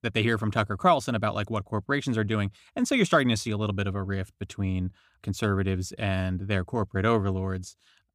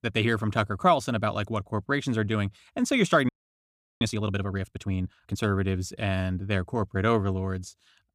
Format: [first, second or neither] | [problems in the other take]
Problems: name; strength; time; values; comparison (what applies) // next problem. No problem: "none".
first | audio freezing; at 3.5 s for 0.5 s